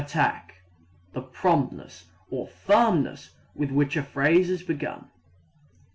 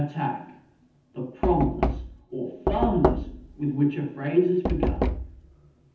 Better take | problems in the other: first | background sound (Knock); 2 dB below the speech // room echo; dies away in 0.8 s

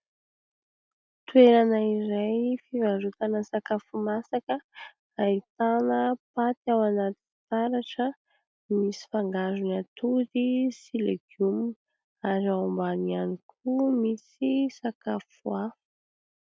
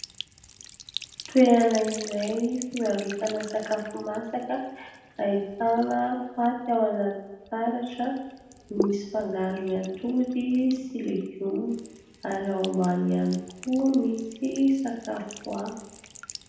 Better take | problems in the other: first | background sound (Trickle, dribble / Sink (filling or washing)); 15 dB below the speech // room echo; dies away in 0.8 s

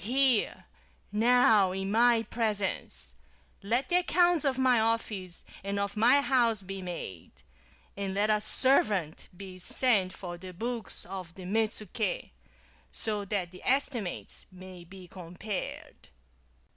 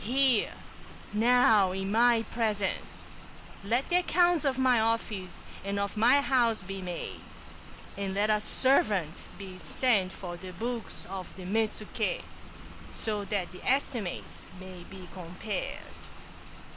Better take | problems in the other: first | background sound (Rain); 12 dB below the speech

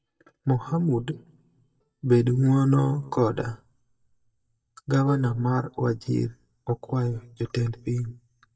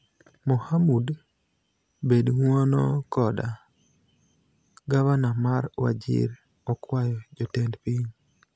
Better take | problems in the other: second | noise reduction (neural mask model DeepFilterNet 3)

